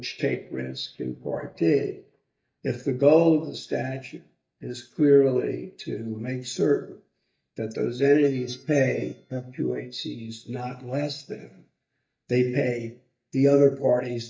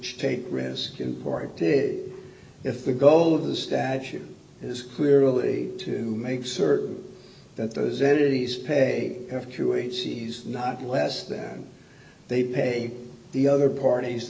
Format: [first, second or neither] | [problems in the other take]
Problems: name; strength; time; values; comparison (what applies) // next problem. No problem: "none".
second | noise reduction (neural mask model DeepFilterNet 3)